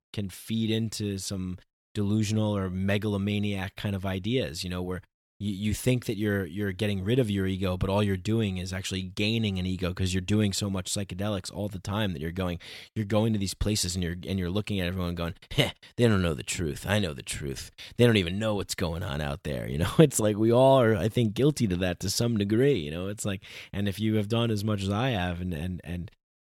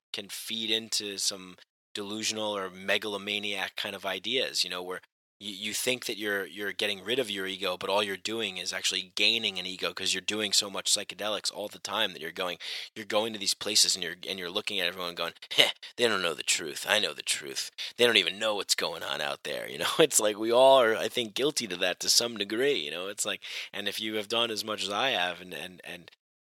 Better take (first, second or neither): first